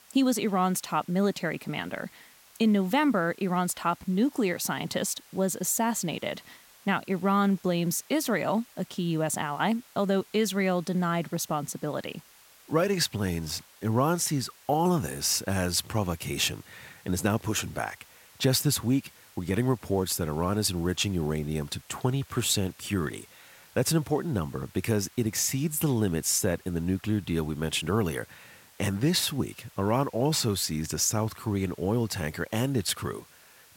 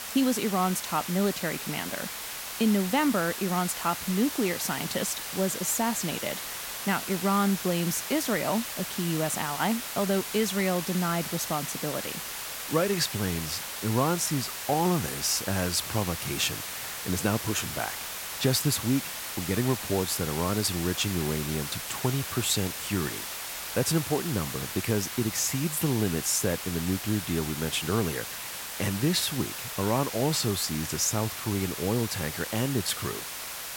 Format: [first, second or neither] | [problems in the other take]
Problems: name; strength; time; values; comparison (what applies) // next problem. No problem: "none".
first | hiss; loud; throughout; 5 dB below the speech; faint in the first